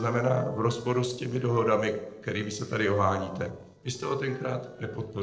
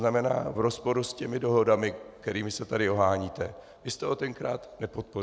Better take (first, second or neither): second